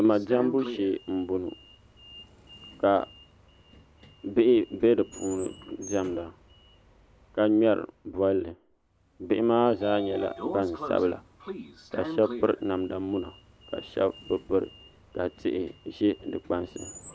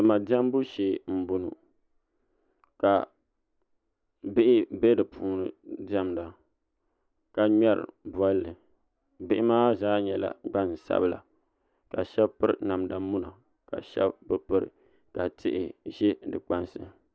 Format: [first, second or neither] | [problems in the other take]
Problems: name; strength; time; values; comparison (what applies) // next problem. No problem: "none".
second | background sound (Sliding door); 15 dB below the speech